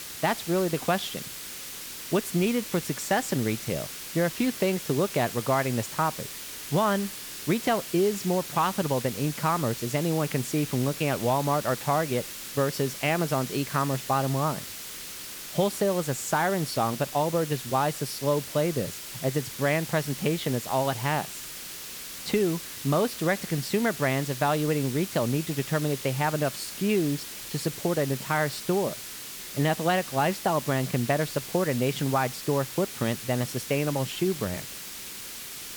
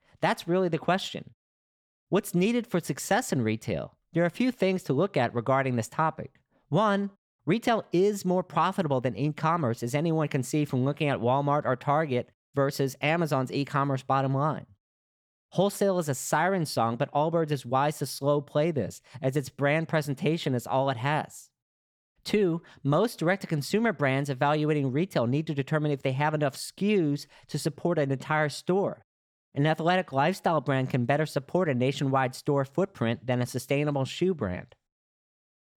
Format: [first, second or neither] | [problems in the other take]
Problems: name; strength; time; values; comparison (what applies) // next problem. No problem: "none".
second | hiss; loud; throughout; 8 dB below the speech